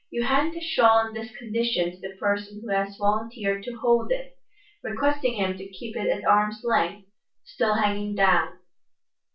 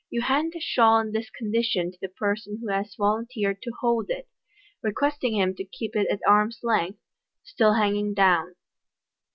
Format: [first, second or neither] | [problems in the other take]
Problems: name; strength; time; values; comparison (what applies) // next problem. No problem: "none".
second | room echo; dies away in 0.3 s